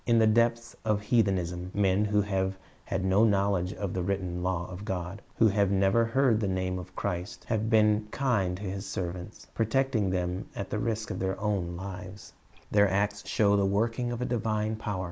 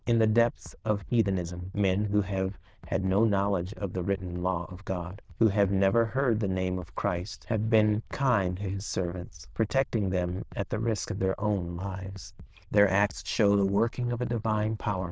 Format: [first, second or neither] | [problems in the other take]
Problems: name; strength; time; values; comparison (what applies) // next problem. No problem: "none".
first | noise reduction (neural diffusion model UNIVERSE++)